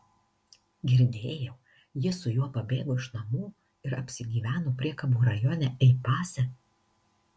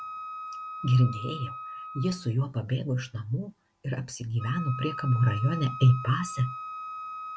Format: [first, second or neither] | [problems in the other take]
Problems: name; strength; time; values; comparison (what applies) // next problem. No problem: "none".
first | background sound (Wind instrument, woodwind instrument); 11 dB below the speech